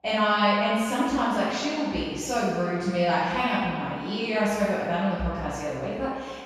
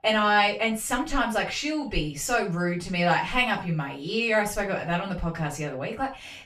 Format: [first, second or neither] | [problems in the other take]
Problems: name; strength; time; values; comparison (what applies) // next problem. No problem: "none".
second | room echo; strong; dies away in 2 s; slight in the second // off-mic speech; far; far in the second